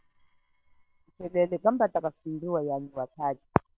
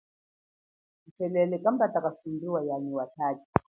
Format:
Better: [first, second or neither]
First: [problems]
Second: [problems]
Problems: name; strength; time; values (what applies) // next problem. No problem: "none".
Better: second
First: noise reduction (neural separator model SepFormer WHAM!)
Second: none